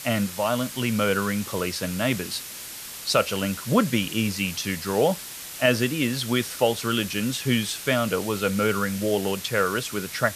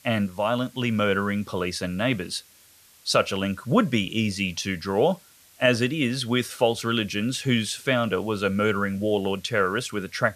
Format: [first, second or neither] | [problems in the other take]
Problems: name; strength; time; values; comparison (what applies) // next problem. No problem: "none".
second | hiss; loud; throughout; 10 dB below the speech; faint in the second